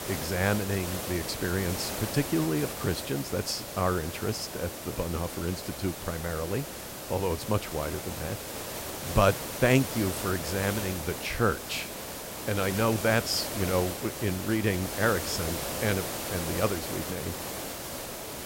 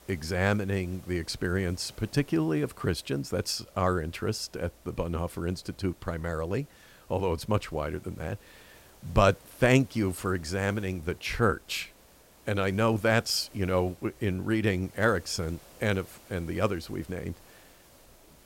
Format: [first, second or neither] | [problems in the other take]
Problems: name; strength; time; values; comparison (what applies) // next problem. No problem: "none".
second | hiss; loud; throughout; 5 dB below the speech; faint in the second